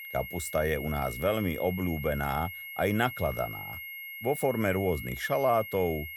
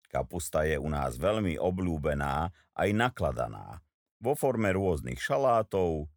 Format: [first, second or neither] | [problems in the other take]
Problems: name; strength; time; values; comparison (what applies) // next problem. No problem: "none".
second | high-pitched whine; loud; throughout; 2 kHz, 9 dB below the speech